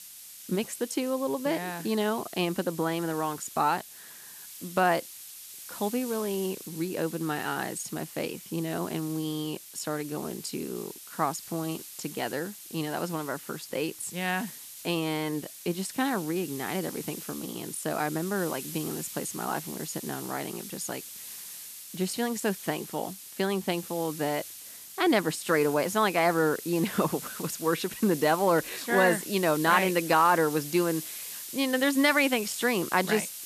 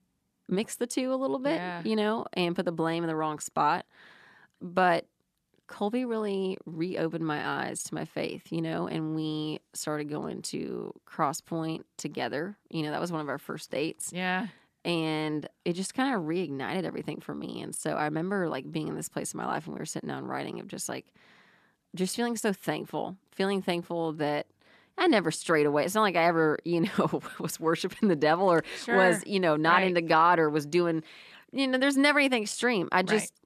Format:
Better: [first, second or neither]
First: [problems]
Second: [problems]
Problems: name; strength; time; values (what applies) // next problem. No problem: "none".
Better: second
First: hiss; noticeable; throughout; 10 dB below the speech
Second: none